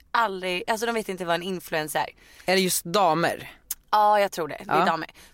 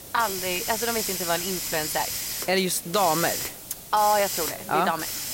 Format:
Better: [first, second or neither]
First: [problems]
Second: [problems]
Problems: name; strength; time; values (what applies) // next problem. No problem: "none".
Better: first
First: none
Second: hiss; loud; throughout; 3 dB below the speech